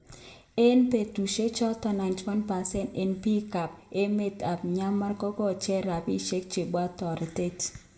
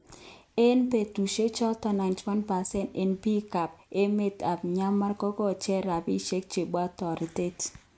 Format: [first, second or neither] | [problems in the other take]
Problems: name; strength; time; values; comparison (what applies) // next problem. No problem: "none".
second | room echo; dies away in 0.7 s